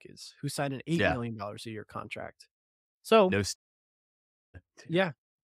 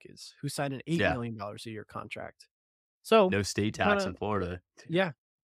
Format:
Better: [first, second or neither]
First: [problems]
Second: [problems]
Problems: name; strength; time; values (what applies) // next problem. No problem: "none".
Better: second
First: audio cutting out; at 3.5 s for 1 s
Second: none